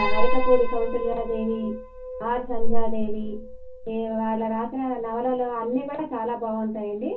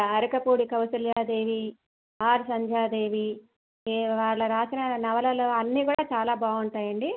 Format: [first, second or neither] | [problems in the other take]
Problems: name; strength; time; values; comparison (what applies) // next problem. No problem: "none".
second | background sound (Piano); 4 dB above the speech // room echo; dies away in 0.3 s